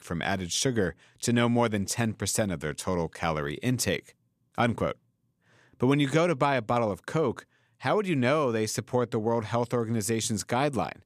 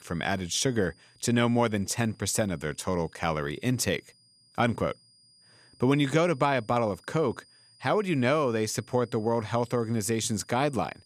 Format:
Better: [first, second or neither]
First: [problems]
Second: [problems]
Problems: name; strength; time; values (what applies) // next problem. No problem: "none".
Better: first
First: none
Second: high-pitched whine; faint; throughout; 5 kHz, 30 dB below the speech